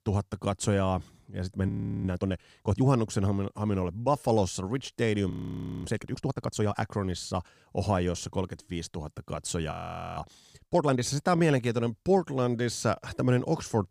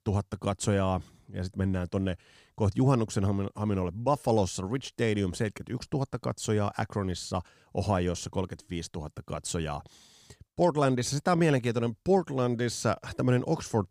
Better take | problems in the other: second | audio freezing; at 1.5 s, at 5.5 s for 0.5 s and at 9.5 s

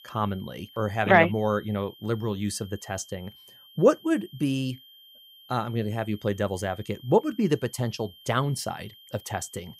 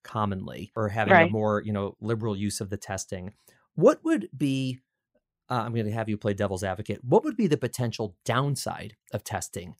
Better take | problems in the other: second | high-pitched whine; faint; throughout; 3 kHz, 20 dB below the speech

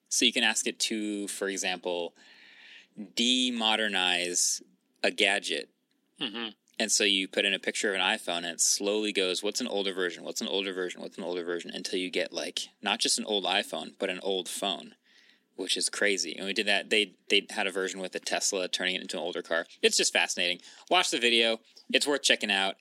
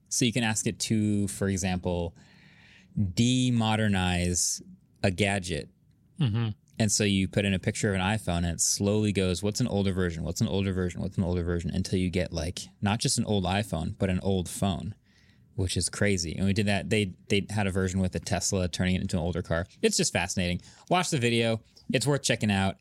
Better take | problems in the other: second | thin; somewhat; fading below 250 Hz

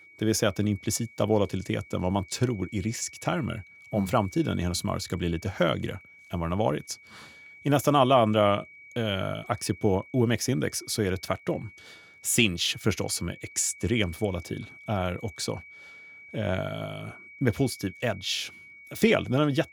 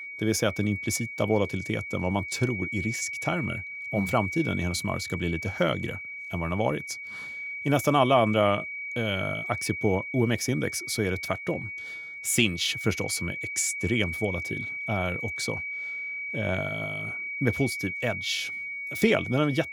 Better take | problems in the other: first | high-pitched whine; loud; throughout; 2.5 kHz, 5 dB below the speech; faint in the first

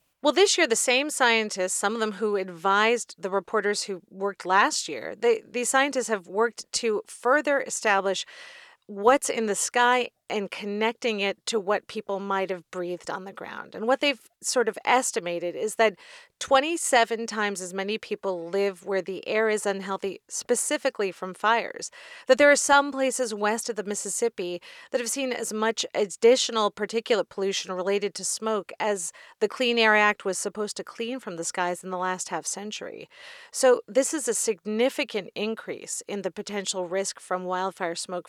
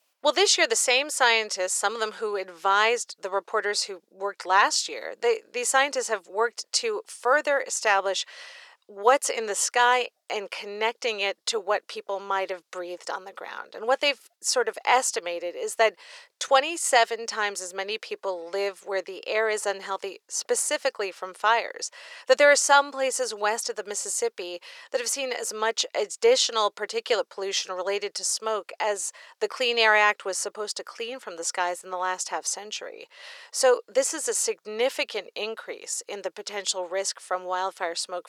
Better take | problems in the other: first | thin; somewhat; fading below 550 Hz

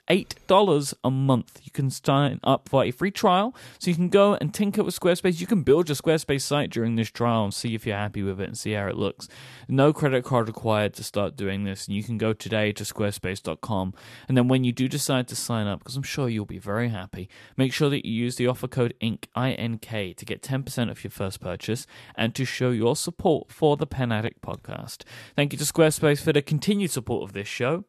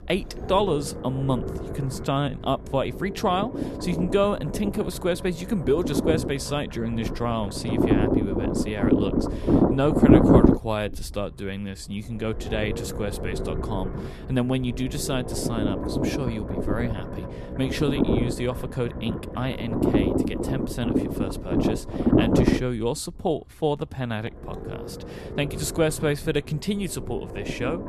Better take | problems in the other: first | low rumble; loud; throughout; as loud as the speech

